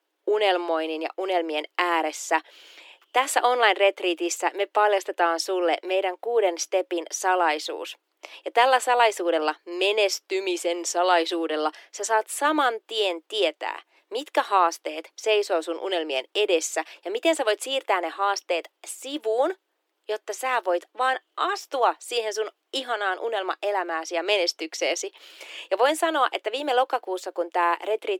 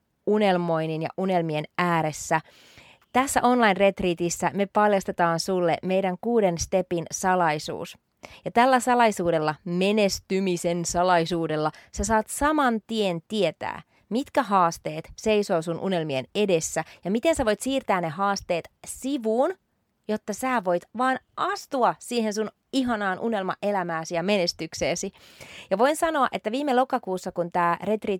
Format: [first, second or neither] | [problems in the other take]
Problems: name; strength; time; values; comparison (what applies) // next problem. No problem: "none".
second | thin; very; fading below 300 Hz